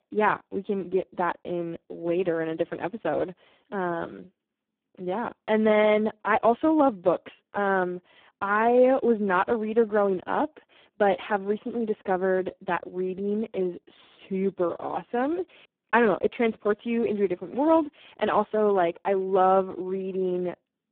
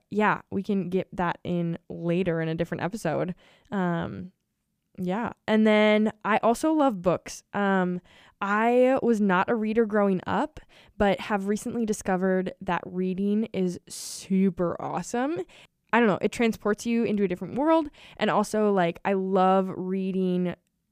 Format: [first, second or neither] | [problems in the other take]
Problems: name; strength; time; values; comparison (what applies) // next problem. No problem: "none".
second | phone-call audio; poor line